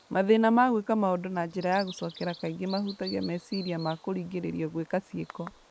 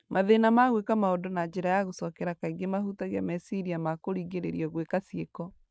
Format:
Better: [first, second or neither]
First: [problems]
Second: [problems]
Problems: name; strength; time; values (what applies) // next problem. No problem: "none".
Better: second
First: background sound (Bird vocalization, bird call, bird song); 20 dB below the speech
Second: none